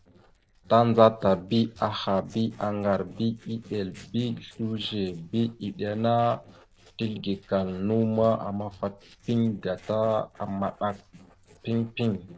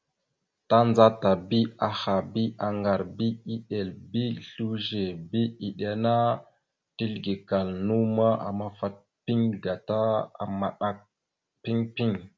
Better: second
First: noise reduction (neural separator model SepFormer DNS4)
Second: none

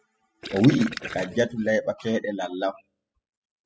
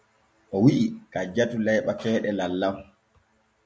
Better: second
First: noise reduction (classical method spectral subtraction)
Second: none

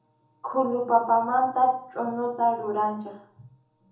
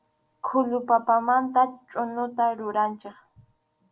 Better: second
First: room echo; dies away in 0.6 s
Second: none

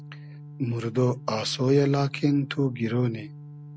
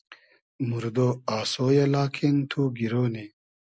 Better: second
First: background sound (Organ); 16 dB below the speech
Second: none

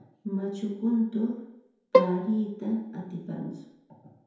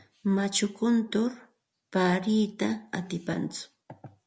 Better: second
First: background sound (Bowed string instrument); 3 dB above the speech // room echo; dies away in 0.9 s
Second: none

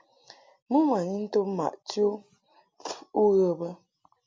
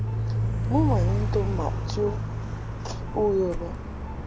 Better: first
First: none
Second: background sound (Car); 2 dB above the speech

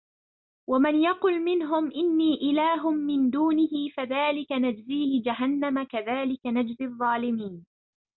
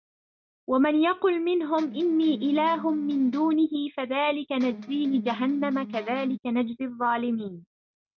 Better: first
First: none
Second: noise reduction (neural mask model RNNoise)

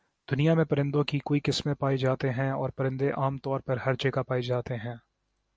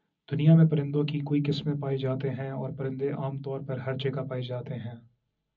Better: first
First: none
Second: room echo; dies away in 0.4 s

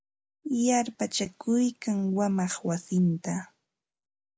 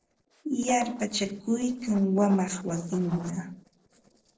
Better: first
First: none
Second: noise reduction (neural separator model SepFormer DNS4)

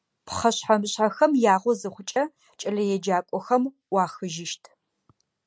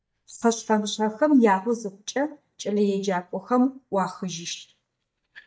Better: first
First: none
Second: noise reduction (neural mask model DeepFilterNet 3)

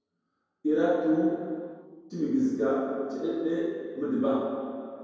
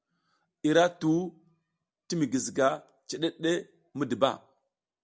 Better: second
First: room echo; dies away in 2.2 s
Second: none

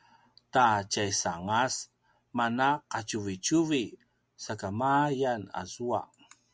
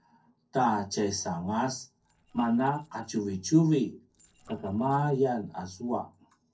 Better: first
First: none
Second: noise reduction (neural separator model SepFormer DNS4)

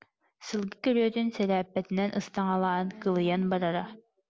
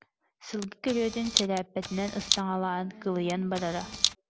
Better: first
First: none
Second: background sound (Camera); 1 dB below the speech

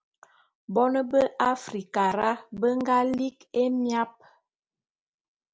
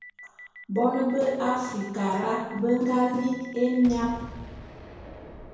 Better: first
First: none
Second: background sound (Boom); 17 dB below the speech // room echo; dies away in 1 s

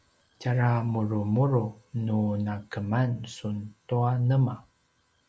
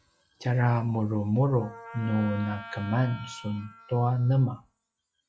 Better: first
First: none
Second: noise reduction (classical method log-MMSE)

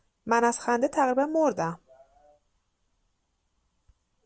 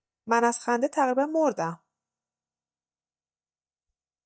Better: first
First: none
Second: noise reduction (neural mask model DeepFilterNet 3)

